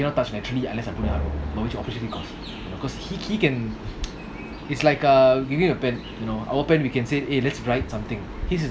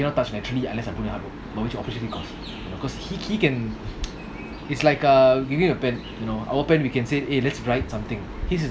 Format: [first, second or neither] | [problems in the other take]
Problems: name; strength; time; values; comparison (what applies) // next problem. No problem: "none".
second | background sound (Drum); 7 dB below the speech